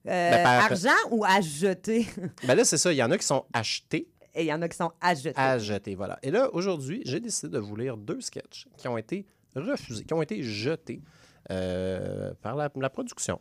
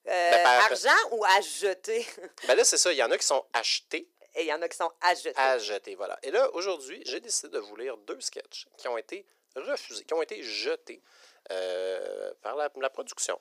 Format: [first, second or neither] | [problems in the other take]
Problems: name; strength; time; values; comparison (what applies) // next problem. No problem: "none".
first | thin; very; fading below 400 Hz